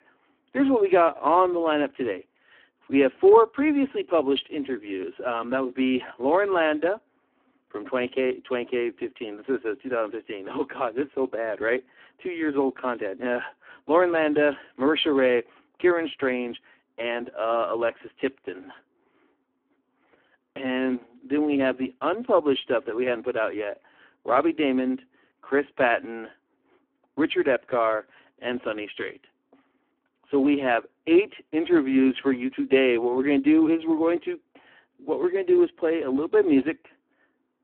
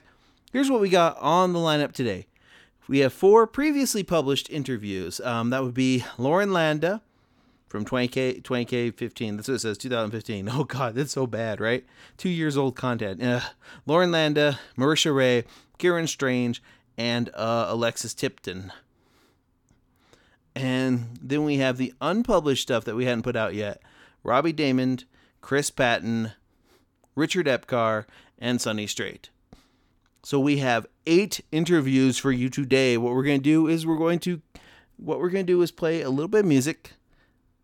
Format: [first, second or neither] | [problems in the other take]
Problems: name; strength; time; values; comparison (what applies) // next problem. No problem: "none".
second | phone-call audio; poor line